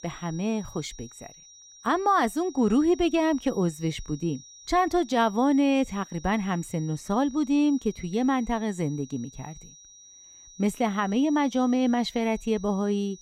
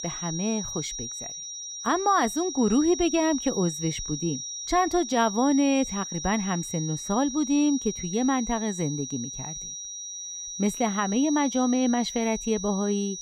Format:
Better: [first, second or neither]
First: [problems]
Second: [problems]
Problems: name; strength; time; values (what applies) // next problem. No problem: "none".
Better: first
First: high-pitched whine; faint; throughout; 5.5 kHz, 20 dB below the speech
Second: high-pitched whine; loud; throughout; 5.5 kHz, 7 dB below the speech